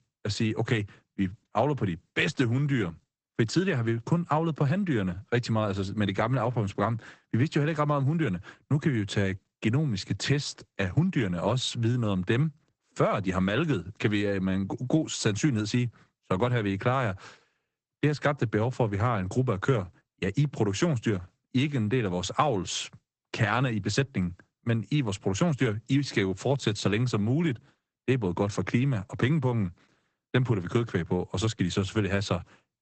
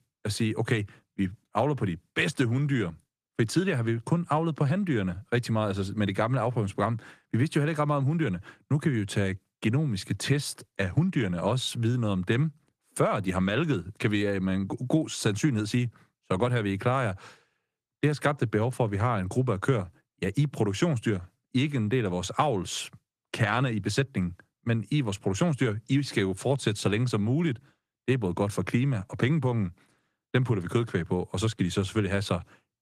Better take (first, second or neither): second